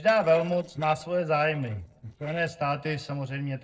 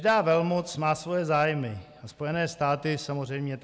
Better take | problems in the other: second | noise reduction (neural separator model SepFormer DNS4)

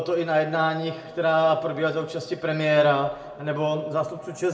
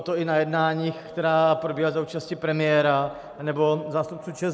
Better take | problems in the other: second | room echo; dies away in 0.7 s

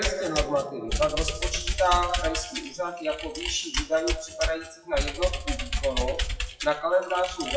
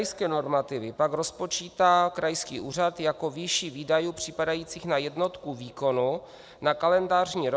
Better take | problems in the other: second | noise reduction (classical method WPE with log-MMSE)

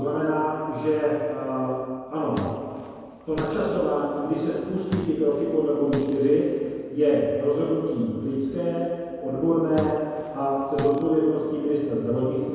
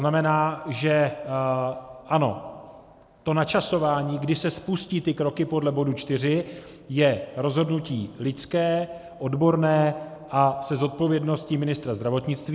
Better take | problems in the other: second | background sound (Fart); 12 dB below the speech // room echo; dies away in 2.2 s

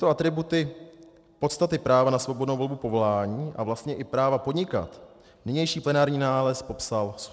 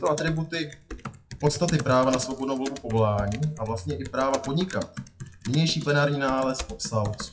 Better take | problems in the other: first | noise reduction (classical method WPE with log-MMSE)

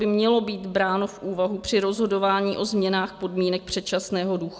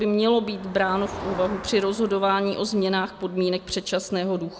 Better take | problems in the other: first | background sound (Motor vehicle (road)); 16 dB below the speech

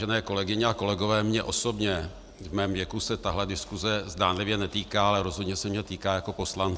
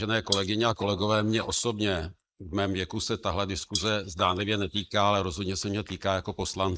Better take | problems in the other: first | noise reduction (neural mask model Resemble Enhance denoiser)

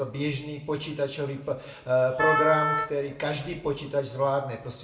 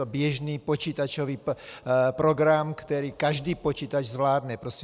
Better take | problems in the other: second | background sound (Wind instrument, woodwind instrument); as loud as the speech // room echo; dies away in 0.8 s

